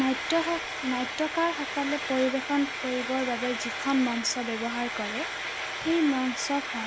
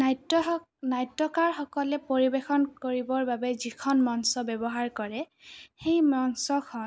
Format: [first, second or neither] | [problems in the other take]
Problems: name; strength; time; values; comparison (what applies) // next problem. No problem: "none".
second | background sound (Frying (food)); 5 dB below the speech